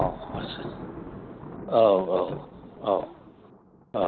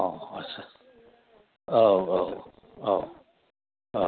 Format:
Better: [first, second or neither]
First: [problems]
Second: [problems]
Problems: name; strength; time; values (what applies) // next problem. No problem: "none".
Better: second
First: background sound (Thunder); 12 dB below the speech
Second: none